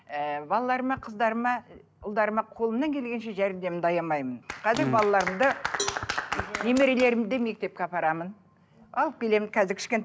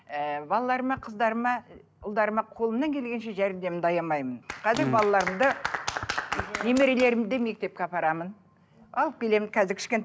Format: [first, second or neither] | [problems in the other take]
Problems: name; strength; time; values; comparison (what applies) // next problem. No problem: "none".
second | background sound (Cowbell); 15 dB below the speech